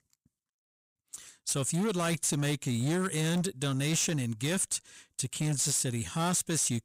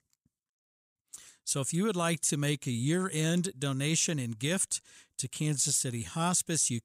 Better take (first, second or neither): second